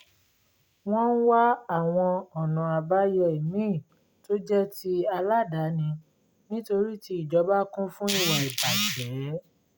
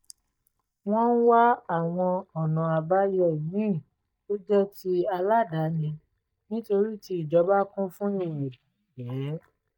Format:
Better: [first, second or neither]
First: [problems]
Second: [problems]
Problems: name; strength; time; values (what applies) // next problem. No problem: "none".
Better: first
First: none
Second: noise reduction (neural mask model DeepFilterNet 3)